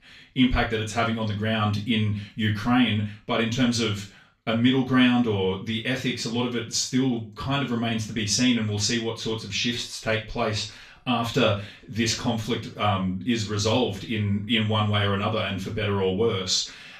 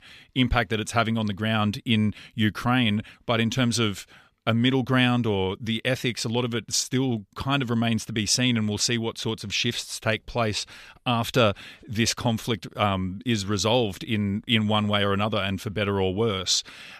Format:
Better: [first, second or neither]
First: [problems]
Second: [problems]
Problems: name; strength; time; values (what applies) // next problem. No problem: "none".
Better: second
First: room echo; slight; dies away in 0.3 s // off-mic speech; far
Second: none